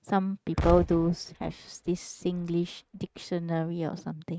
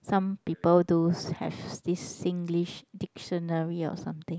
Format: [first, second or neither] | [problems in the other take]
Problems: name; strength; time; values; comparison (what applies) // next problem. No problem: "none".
second | noise reduction (neural mask model RNNoise)